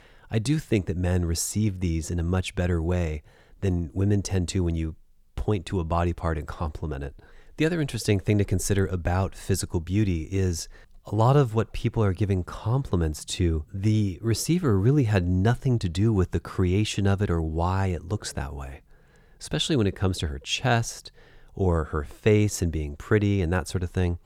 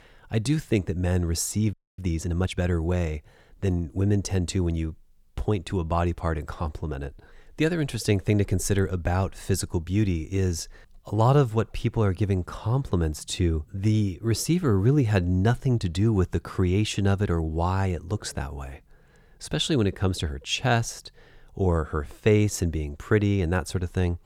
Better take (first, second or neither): first